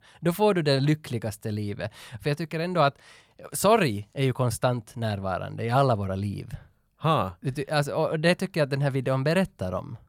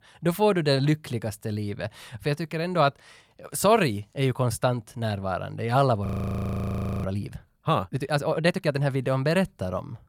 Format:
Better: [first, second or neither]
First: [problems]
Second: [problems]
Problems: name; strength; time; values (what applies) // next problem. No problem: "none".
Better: first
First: none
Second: audio freezing; at 6 s for 1 s